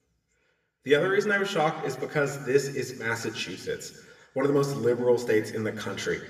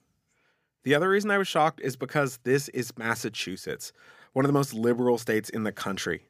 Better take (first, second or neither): second